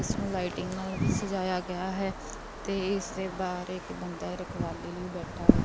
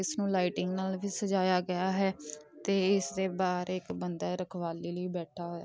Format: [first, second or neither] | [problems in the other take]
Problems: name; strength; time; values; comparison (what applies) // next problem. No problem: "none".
second | background sound (Wind); 2 dB above the speech